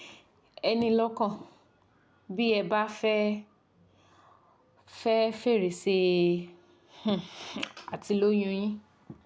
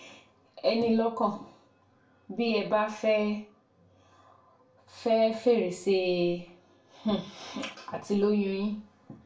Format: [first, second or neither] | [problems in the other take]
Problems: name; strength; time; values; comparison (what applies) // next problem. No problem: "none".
first | room echo; dies away in 0.3 s